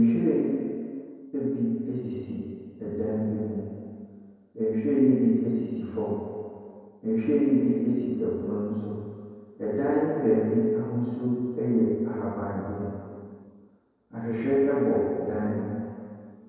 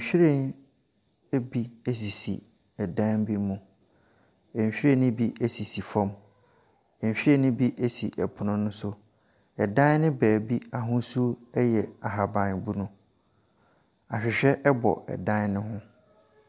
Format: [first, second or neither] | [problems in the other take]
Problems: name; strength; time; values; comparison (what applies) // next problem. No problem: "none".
second | room echo; dies away in 2.2 s